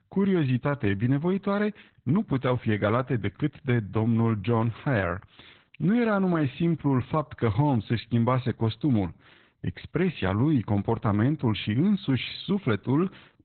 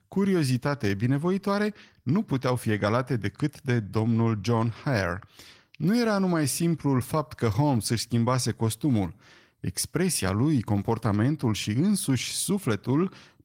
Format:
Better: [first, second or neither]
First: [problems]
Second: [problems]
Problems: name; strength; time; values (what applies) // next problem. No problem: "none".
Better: second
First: garbled, watery; badly; nothing above 4 kHz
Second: garbled, watery; slightly; nothing above 16.5 kHz